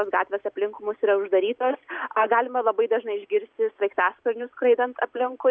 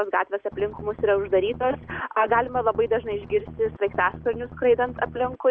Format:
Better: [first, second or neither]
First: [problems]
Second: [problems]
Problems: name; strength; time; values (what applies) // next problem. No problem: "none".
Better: first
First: none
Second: background sound (Strum); 15 dB below the speech